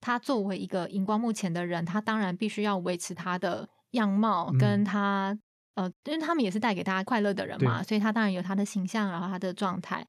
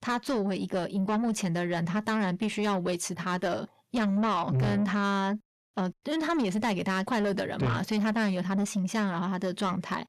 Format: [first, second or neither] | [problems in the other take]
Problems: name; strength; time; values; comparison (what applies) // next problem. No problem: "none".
first | distortion; slight; 10 dB below the speech